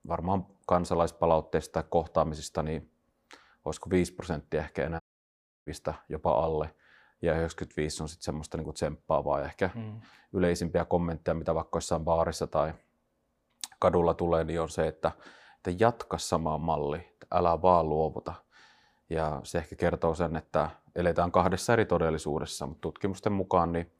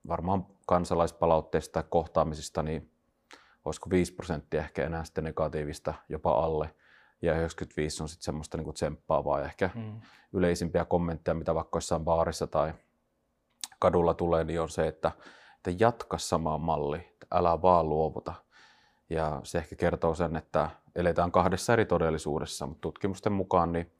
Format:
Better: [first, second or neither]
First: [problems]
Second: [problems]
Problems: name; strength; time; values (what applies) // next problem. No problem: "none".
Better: second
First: audio cutting out; at 5 s for 0.5 s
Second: none